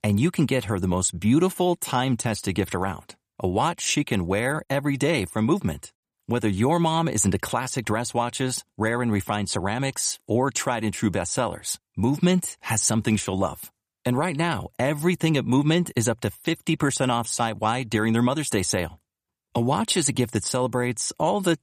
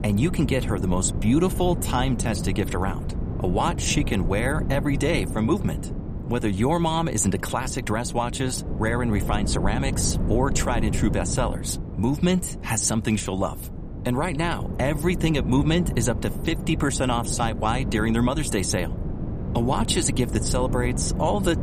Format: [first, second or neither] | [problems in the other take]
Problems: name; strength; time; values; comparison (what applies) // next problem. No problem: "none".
first | wind noise on the microphone; occasional gusts; 10 dB below the speech